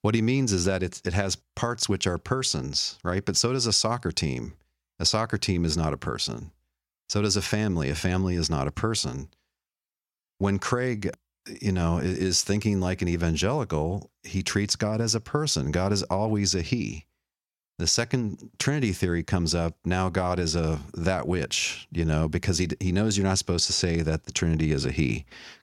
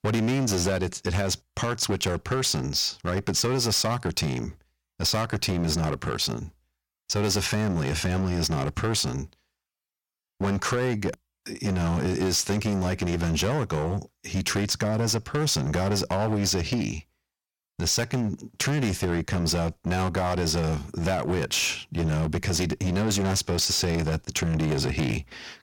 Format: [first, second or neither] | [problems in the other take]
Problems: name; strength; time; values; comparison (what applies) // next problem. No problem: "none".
first | distortion; heavy; 16% of the sound clipped